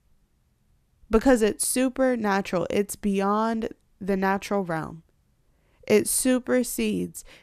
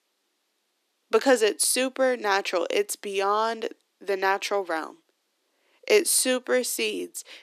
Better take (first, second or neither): first